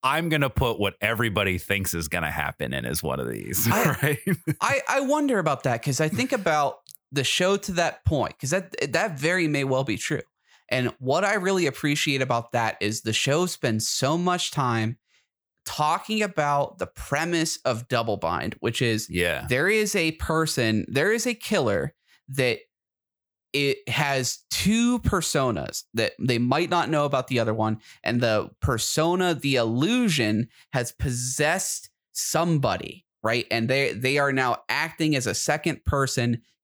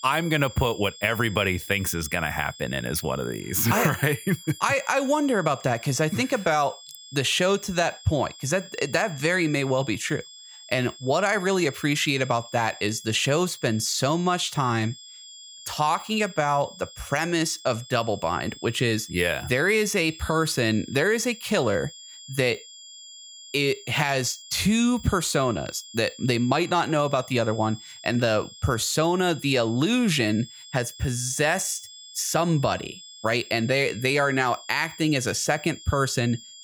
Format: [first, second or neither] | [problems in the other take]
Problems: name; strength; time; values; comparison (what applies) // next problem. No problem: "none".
first | high-pitched whine; noticeable; throughout; 3.5 kHz, 15 dB below the speech